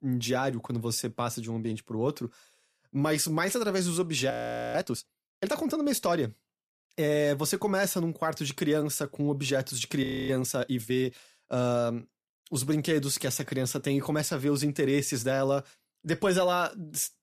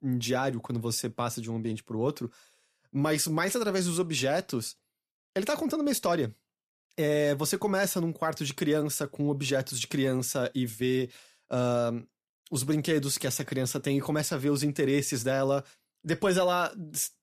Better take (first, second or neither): second